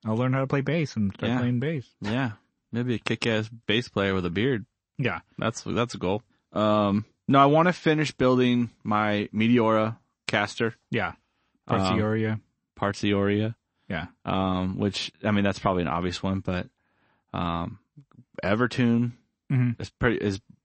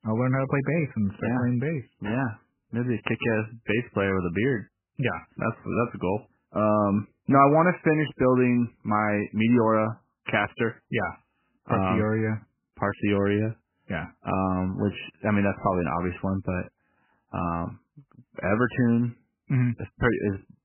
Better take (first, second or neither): first